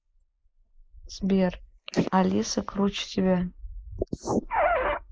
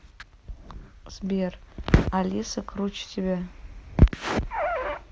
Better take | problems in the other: second | noise reduction (neural mask model Resemble Enhance denoiser)

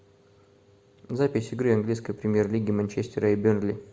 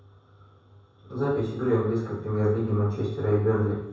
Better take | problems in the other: first | room echo; dies away in 0.7 s

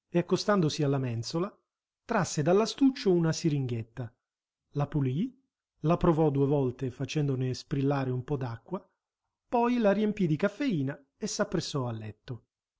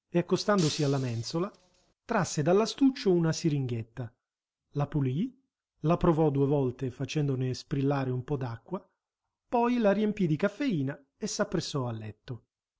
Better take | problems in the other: first | background sound (Shatter); 15 dB below the speech

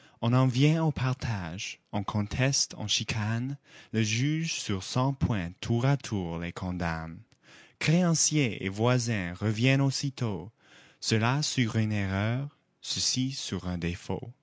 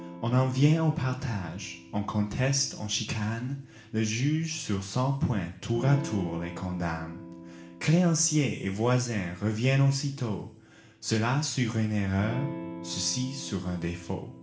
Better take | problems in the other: first | background sound (Electric guitar / Strum); 15 dB below the speech // room echo; dies away in 0.9 s

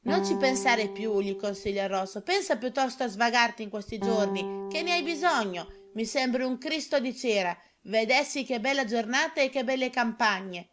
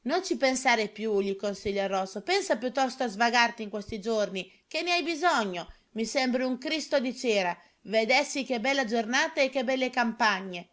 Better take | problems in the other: second | background sound (Guitar); 9 dB below the speech

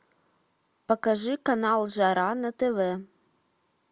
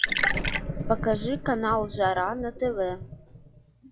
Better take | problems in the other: first | noise reduction (classical method log-MMSE)

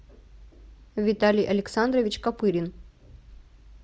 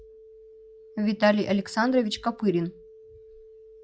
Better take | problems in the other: first | noise reduction (classical method log-MMSE)

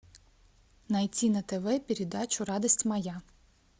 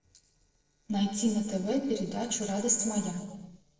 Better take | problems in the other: first | noise reduction (neural separator model SepFormer DNS4)

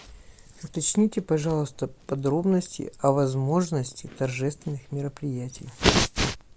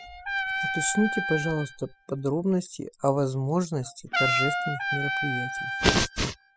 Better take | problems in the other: first | noise reduction (classical method spectral subtraction)

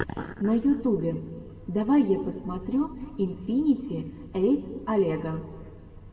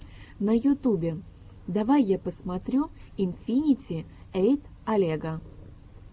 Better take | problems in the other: second | room echo; dies away in 1.3 s

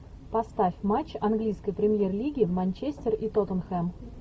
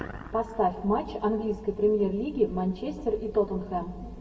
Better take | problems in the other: first | room echo; dies away in 1.3 s

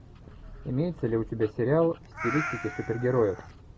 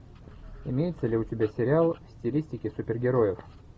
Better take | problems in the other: second | background sound (Meow); 9 dB below the speech

